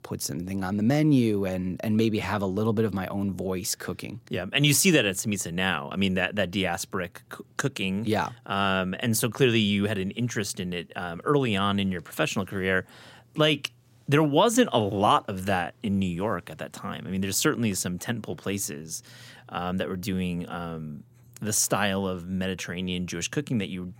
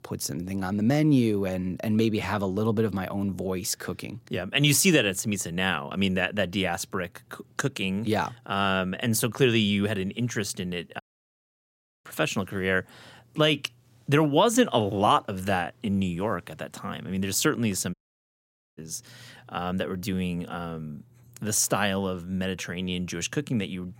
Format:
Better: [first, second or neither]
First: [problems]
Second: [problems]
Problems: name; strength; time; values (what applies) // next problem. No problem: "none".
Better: first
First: none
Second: audio cutting out; at 11 s for 1 s and at 18 s for 1 s